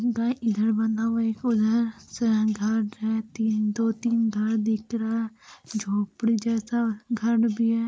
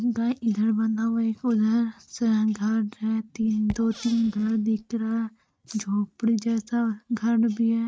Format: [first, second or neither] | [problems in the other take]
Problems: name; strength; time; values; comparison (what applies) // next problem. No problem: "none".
first | noise reduction (neural mask model RNNoise)